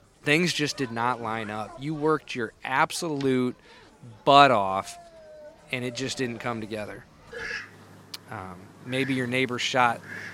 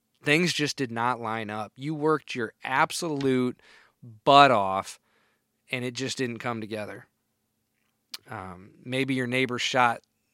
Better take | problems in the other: second | animal sounds; noticeable; throughout; 20 dB below the speech

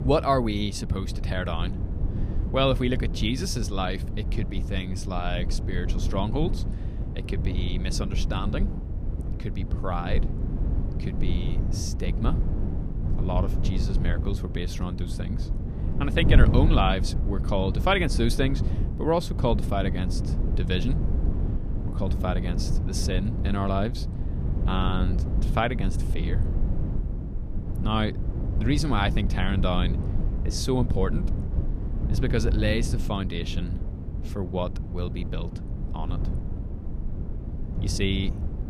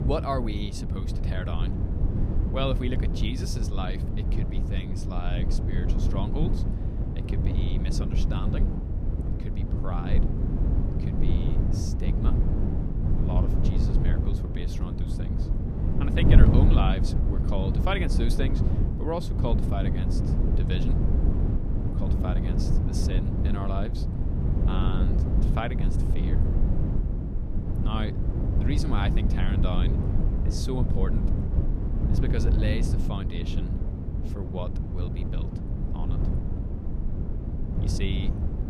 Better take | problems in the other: first | wind noise on the microphone; heavy; 2 dB below the speech; occasional gusts in the first

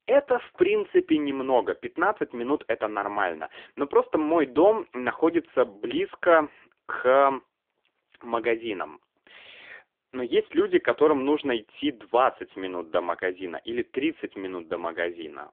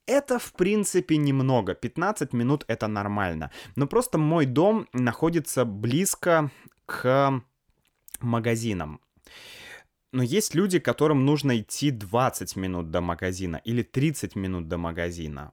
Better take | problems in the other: second | phone-call audio; poor line; nothing above 3.5 kHz

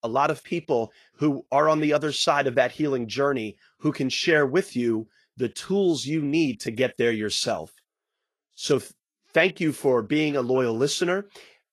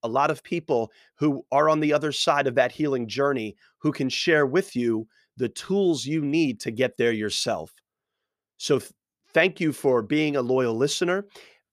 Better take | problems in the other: second | garbled, watery; slightly; nothing above 11.5 kHz

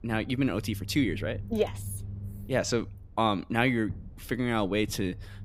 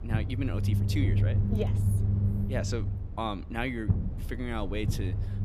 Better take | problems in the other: first | low rumble; loud; throughout; 5 dB below the speech; faint in the first

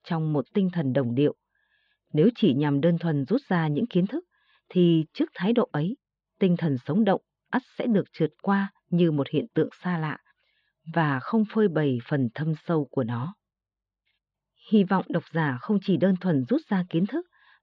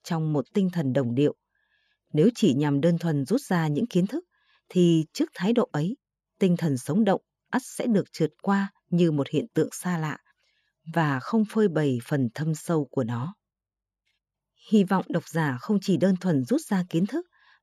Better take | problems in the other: second | muffled; slightly; fading above 4 kHz

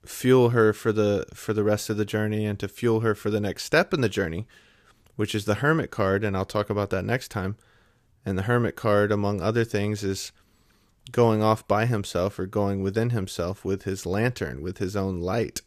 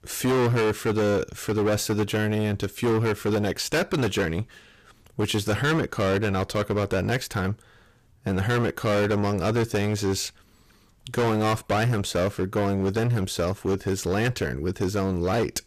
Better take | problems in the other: first | distortion; heavy; 17% of the sound clipped

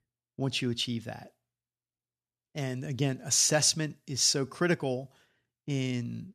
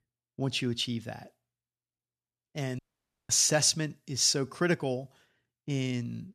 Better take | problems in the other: first | audio cutting out; at 3 s for 0.5 s

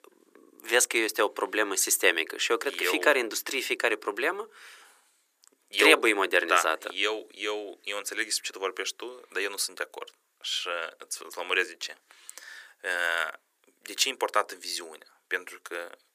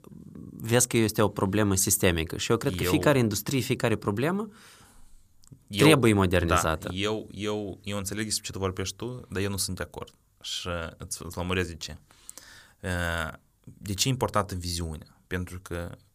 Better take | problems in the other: second | thin; very; fading below 350 Hz

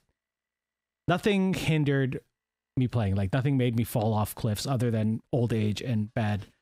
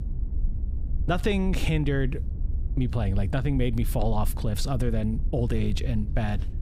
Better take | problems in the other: first | low rumble; noticeable; throughout; 15 dB below the speech

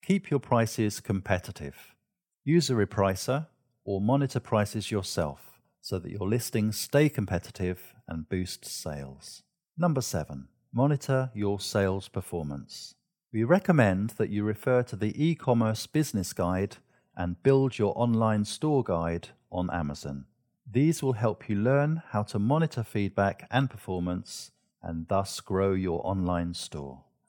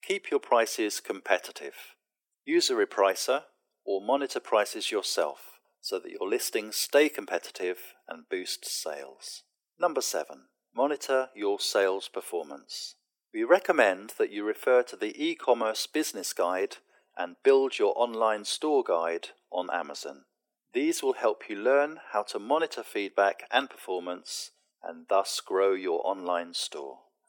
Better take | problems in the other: first | thin; very; fading below 350 Hz

